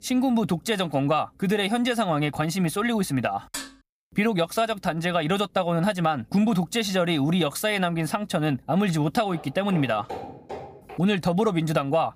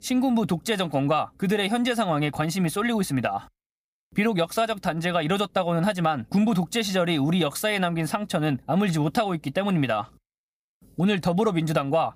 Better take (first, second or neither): second